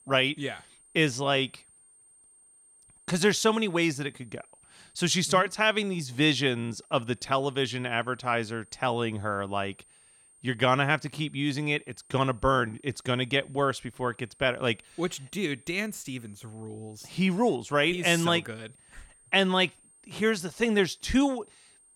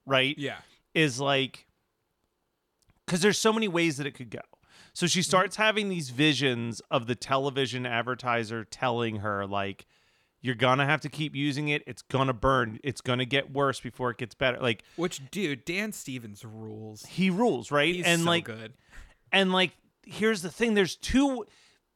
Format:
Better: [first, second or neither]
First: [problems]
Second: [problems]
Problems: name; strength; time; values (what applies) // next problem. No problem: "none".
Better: second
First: high-pitched whine; faint; throughout; 8.5 kHz, 30 dB below the speech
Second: none